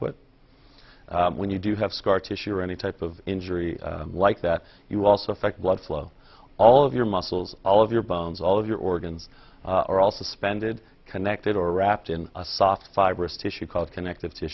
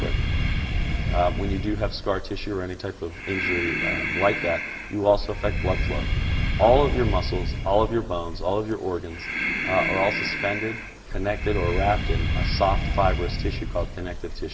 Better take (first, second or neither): first